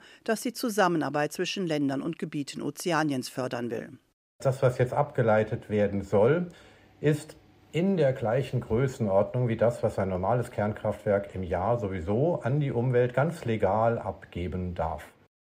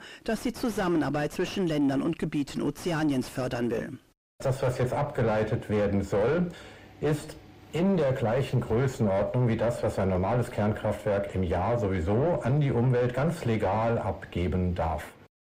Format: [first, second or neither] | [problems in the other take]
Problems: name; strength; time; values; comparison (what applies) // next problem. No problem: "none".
first | distortion; heavy; 5 dB below the speech